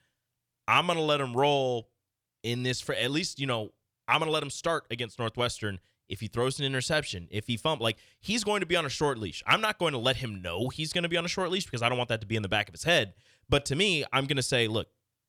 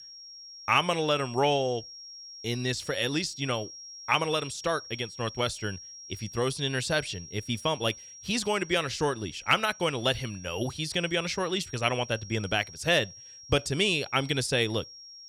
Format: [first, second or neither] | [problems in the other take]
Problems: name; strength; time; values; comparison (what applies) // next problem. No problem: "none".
first | high-pitched whine; noticeable; throughout; 5.5 kHz, 15 dB below the speech